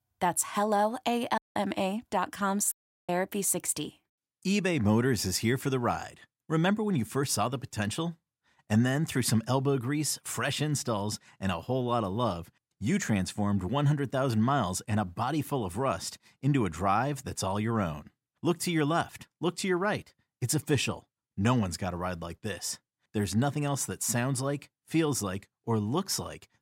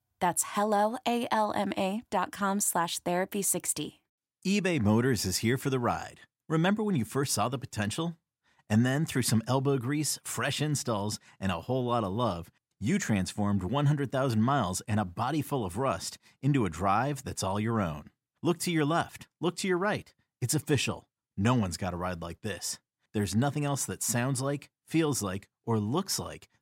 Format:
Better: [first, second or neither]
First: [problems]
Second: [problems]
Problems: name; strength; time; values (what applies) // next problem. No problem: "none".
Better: second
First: audio cutting out; at 1.5 s and at 2.5 s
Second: none